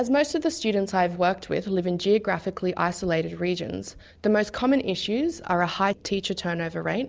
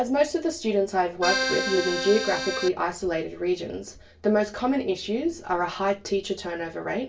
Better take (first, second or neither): first